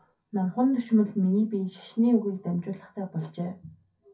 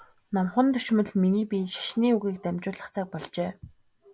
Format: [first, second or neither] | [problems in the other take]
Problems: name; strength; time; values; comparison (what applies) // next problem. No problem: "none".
second | room echo; dies away in 0.3 s